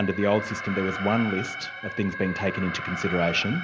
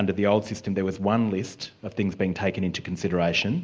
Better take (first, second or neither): second